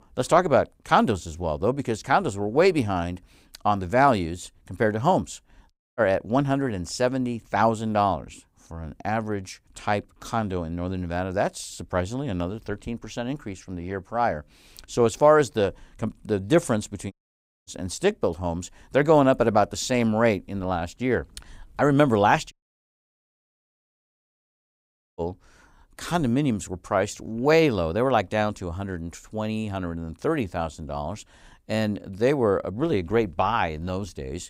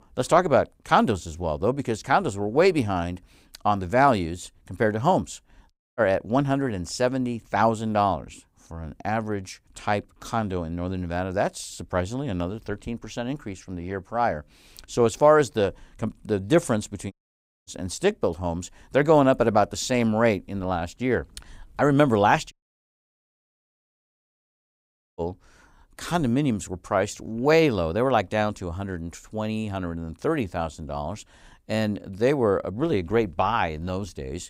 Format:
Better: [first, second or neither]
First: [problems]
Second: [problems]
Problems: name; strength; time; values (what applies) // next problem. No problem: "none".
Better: neither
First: audio cutting out; at 5.5 s, at 17 s for 0.5 s and at 23 s for 2.5 s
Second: audio cutting out; at 5.5 s, at 17 s for 0.5 s and at 23 s for 2.5 s